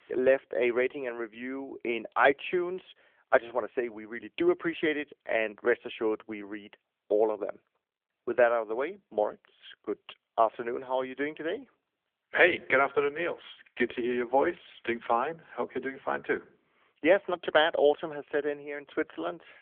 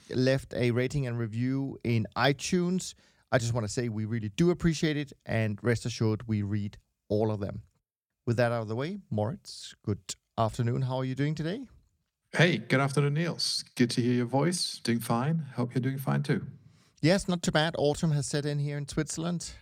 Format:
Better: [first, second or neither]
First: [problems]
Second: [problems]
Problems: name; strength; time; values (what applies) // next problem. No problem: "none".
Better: second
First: phone-call audio; nothing above 3.5 kHz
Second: none